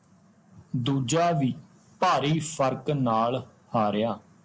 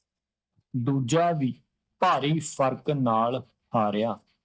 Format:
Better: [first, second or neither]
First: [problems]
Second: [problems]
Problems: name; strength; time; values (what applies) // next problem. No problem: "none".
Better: first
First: none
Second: noise reduction (neural mask model DeepFilterNet 3)